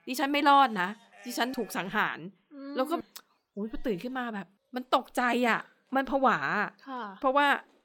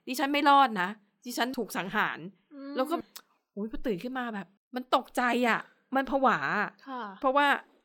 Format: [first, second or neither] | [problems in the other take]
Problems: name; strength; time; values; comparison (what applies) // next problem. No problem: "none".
second | animal sounds; faint; throughout; 25 dB below the speech